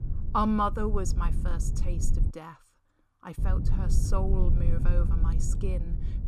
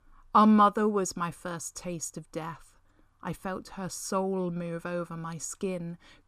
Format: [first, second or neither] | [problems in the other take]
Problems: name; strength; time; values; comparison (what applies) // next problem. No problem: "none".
second | low rumble; noticeable; until 2.5 s and from 3.5 s on; 10 dB below the speech